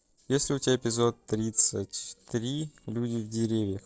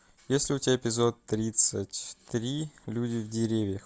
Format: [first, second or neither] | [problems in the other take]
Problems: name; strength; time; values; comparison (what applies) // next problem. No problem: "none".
second | noise reduction (neural separator model SepFormer DNS4)